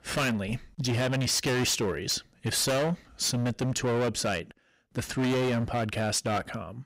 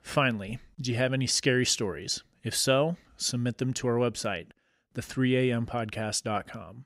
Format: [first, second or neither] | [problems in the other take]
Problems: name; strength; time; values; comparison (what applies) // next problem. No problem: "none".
second | distortion; heavy; 22% of the sound clipped